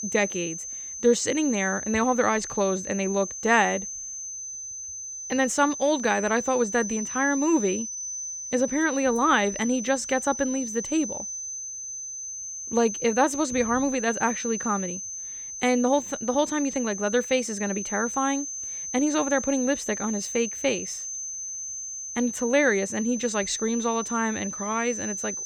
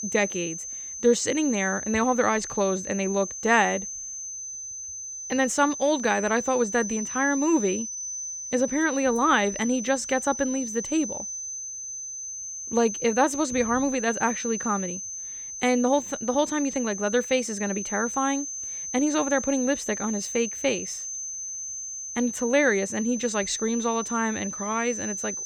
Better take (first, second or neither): neither